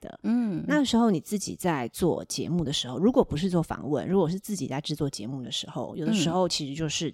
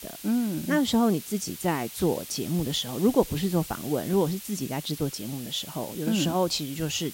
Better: first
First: none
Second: hiss; noticeable; throughout; 10 dB below the speech

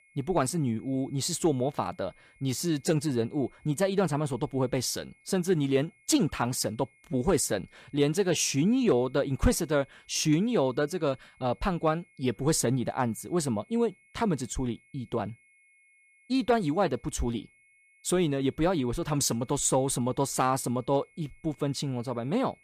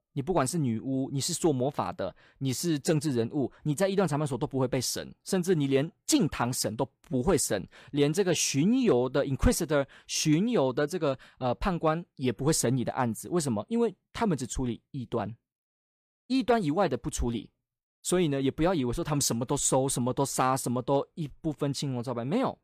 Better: second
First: high-pitched whine; faint; throughout; 2 kHz, 30 dB below the speech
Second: none

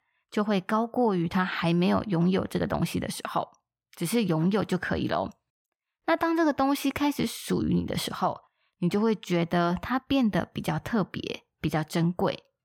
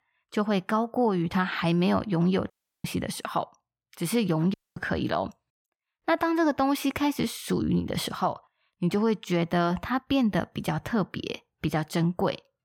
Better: first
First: none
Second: audio cutting out; at 2.5 s and at 4.5 s

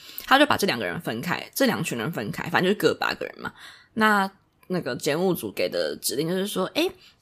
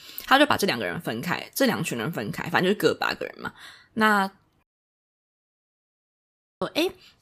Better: first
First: none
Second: audio cutting out; at 4.5 s for 2 s

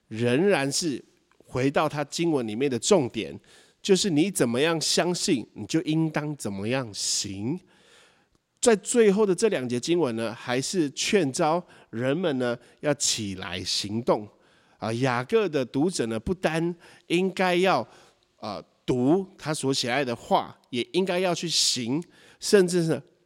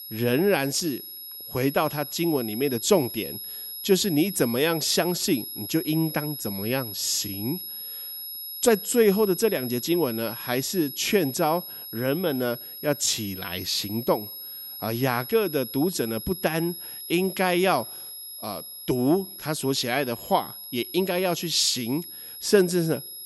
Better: first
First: none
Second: high-pitched whine; loud; throughout; 11.5 kHz, 10 dB below the speech

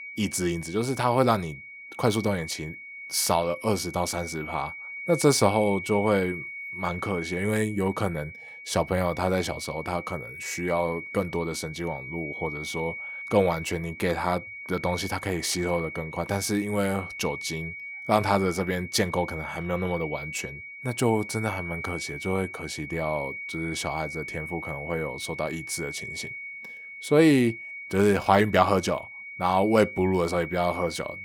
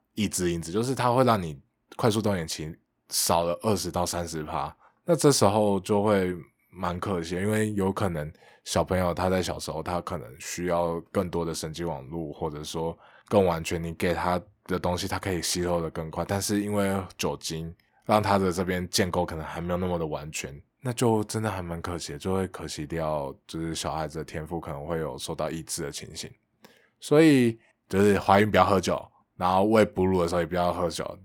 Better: second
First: high-pitched whine; loud; throughout; 2 kHz, 10 dB below the speech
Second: none

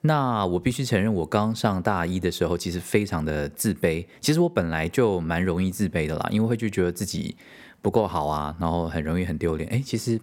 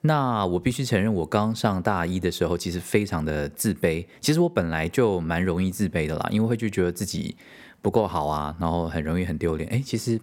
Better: neither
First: none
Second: none

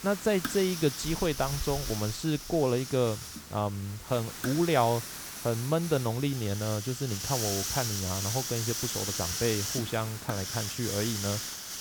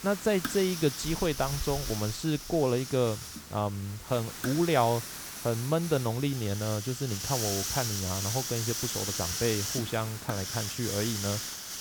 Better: neither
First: hiss; loud; throughout; 4 dB below the speech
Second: hiss; loud; throughout; 4 dB below the speech

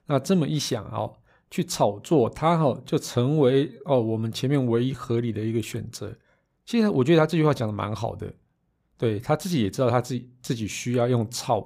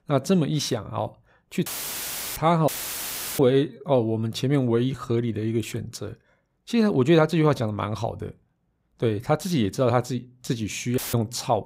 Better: first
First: none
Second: audio cutting out; filled with static; at 1.5 s for 0.5 s, at 2.5 s for 0.5 s and at 11 s

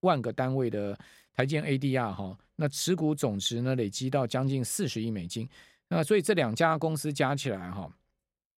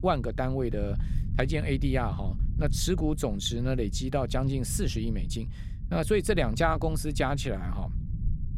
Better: first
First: none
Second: low rumble; noticeable; throughout; 15 dB below the speech

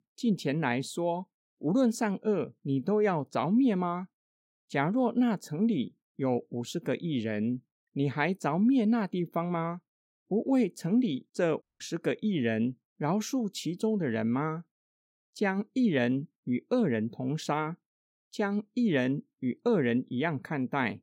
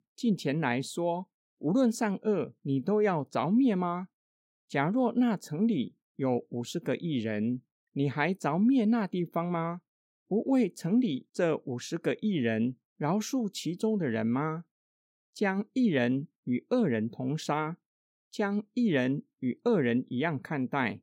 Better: second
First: audio cutting out; at 12 s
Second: none

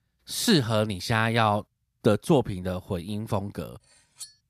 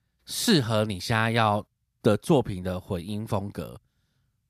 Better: second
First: clattering dishes; faint; at 4 s; peak 15 dB below the speech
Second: none

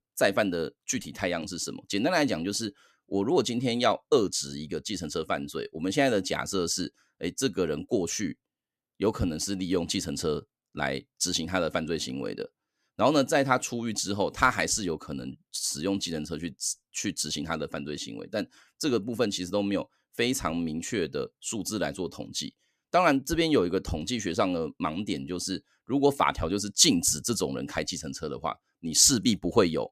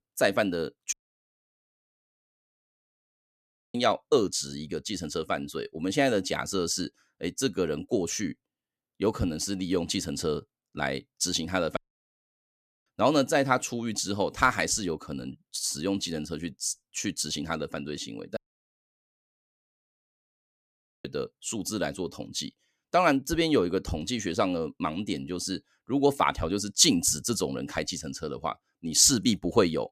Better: first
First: none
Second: audio cutting out; at 1 s for 3 s, at 12 s for 1 s and at 18 s for 2.5 s

